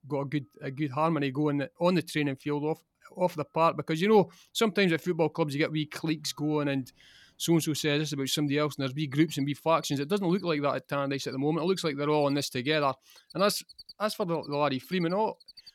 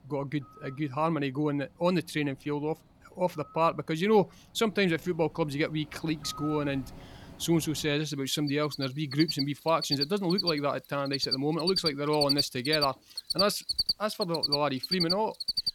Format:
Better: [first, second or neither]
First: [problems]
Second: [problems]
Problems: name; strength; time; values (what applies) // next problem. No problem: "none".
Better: first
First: animal sounds; faint; throughout; 25 dB below the speech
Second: animal sounds; loud; throughout; 1 dB below the speech